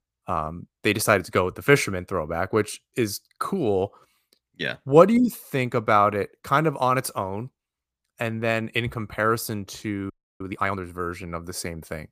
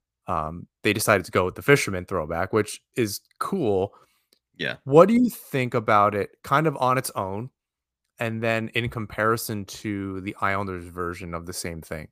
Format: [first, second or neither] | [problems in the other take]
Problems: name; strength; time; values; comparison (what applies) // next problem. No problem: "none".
second | audio freezing; at 10 s